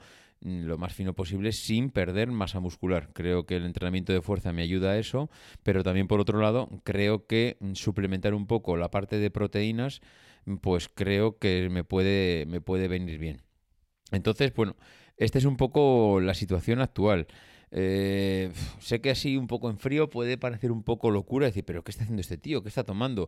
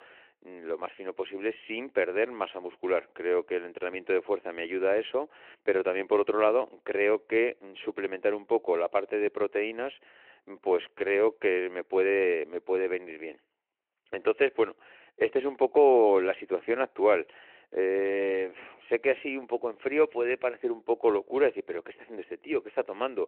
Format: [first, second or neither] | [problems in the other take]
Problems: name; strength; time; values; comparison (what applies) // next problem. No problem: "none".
first | phone-call audio